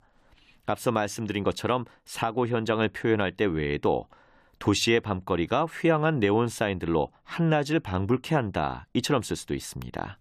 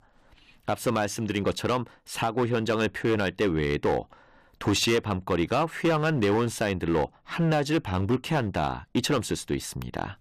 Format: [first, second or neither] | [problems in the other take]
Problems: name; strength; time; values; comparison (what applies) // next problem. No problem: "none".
first | distortion; slight; 8% of the sound clipped